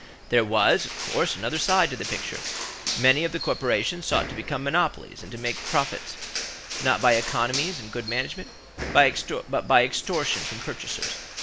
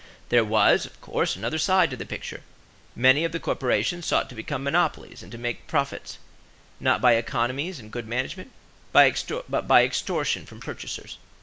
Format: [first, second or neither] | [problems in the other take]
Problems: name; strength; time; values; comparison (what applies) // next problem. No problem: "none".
second | background sound (Crushing); 9 dB below the speech